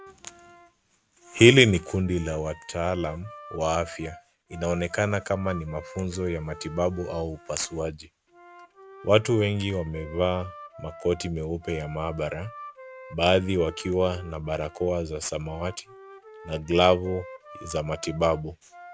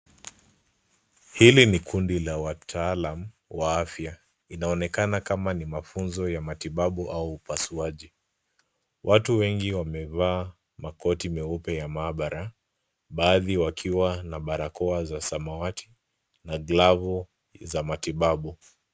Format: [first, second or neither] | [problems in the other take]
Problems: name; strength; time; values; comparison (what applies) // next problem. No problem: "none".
second | background sound (Wind instrument, woodwind instrument); 19 dB below the speech